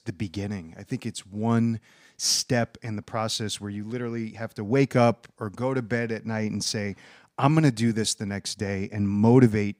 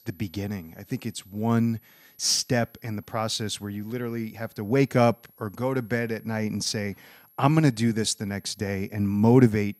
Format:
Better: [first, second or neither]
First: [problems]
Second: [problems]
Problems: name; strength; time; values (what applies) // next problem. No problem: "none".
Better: first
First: none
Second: high-pitched whine; faint; throughout; 11.5 kHz, 30 dB below the speech